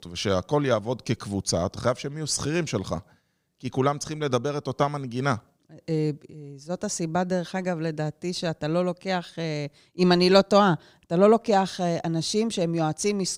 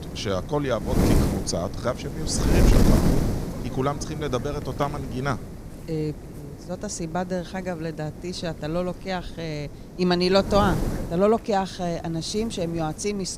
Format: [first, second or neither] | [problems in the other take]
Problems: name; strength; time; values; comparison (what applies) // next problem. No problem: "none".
first | wind noise on the microphone; heavy; 4 dB below the speech